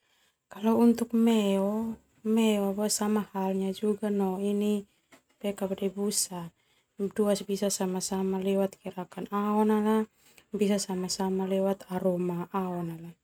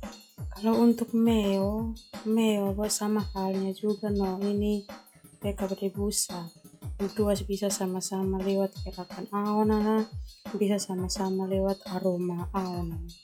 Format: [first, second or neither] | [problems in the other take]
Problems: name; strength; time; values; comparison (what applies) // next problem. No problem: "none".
first | noise reduction (classical method log-MMSE)